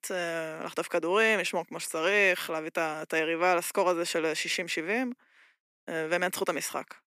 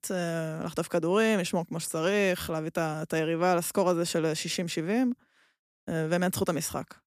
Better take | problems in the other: second | thin; somewhat; fading below 350 Hz

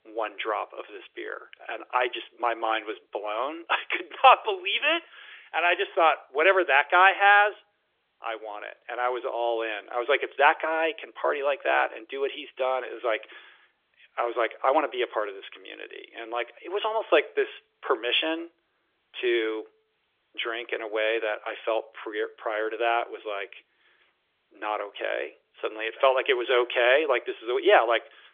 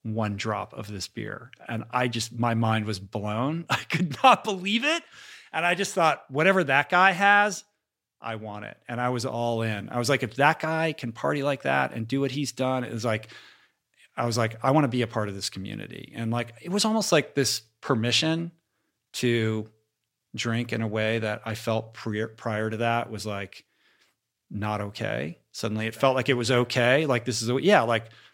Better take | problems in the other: second | phone-call audio; nothing above 3.5 kHz

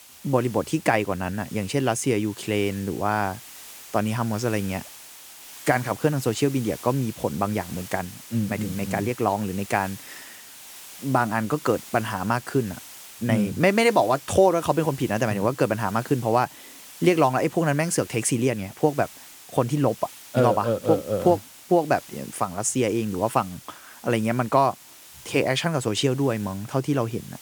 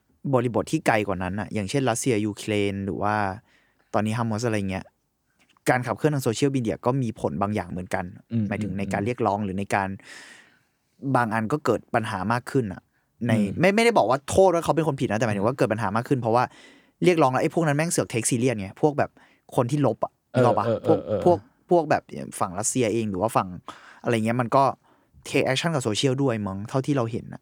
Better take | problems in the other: second | hiss; noticeable; throughout; 15 dB below the speech

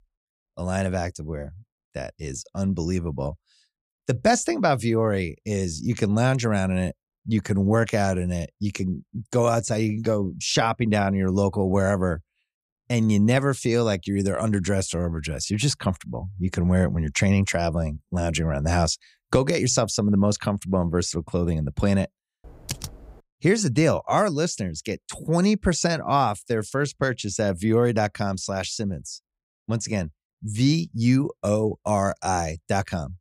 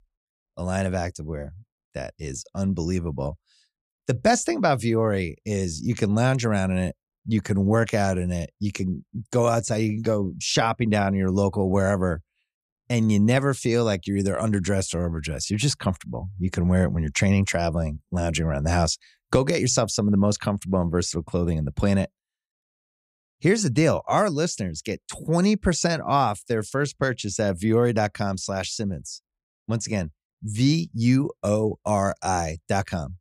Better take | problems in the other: second | keyboard typing; noticeable; at 22 s; peak 10 dB below the speech

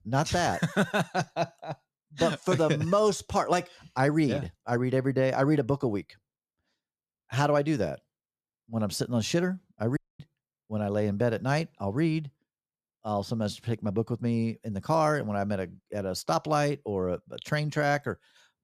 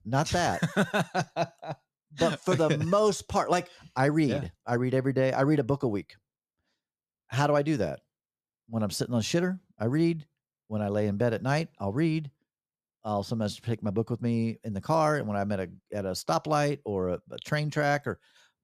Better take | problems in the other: second | audio cutting out; at 10 s

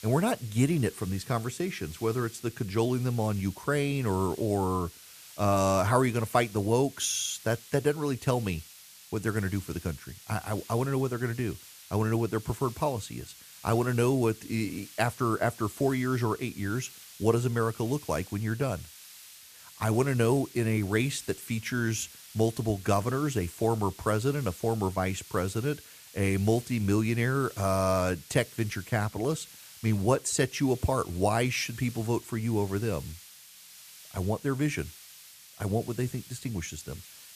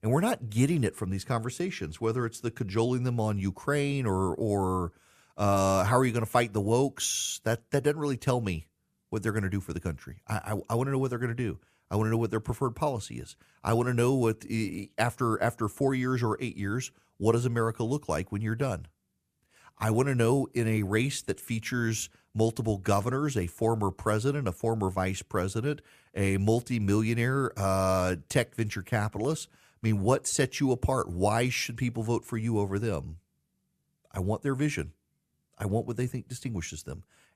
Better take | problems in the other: second | hiss; noticeable; throughout; 20 dB below the speech

